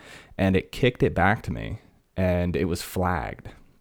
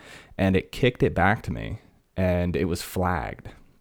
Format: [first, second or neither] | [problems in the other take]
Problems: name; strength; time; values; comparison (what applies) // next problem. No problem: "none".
neither | none